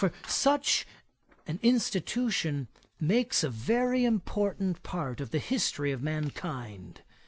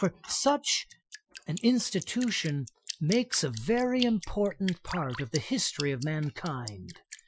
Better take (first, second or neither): first